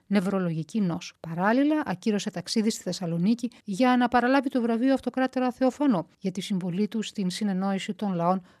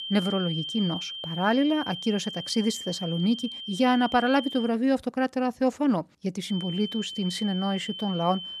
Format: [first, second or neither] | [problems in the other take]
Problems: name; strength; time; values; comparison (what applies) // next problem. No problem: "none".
first | high-pitched whine; loud; until 4.5 s and from 6.5 s on; 3 kHz, 8 dB below the speech